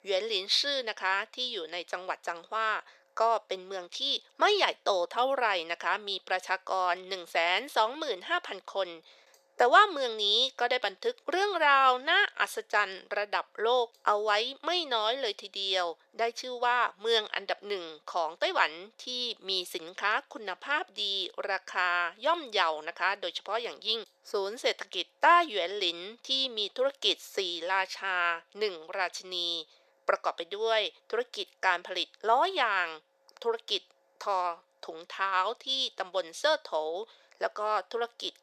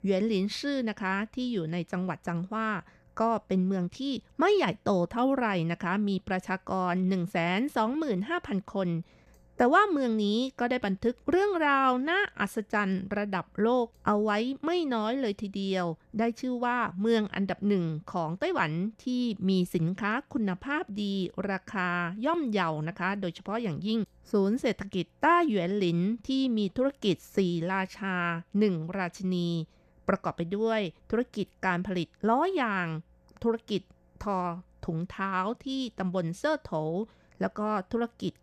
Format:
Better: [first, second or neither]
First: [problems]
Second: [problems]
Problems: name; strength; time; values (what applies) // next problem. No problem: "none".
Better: second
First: thin; very; fading below 500 Hz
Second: none